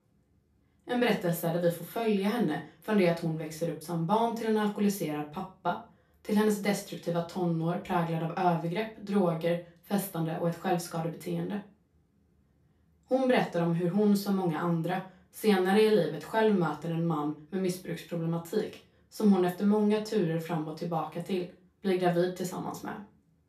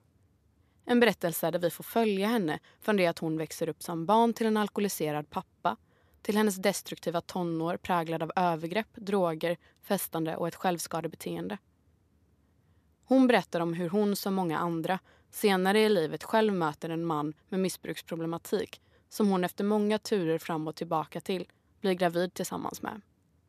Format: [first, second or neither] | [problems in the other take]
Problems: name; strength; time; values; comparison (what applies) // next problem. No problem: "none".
second | off-mic speech; far // room echo; slight; dies away in 0.3 s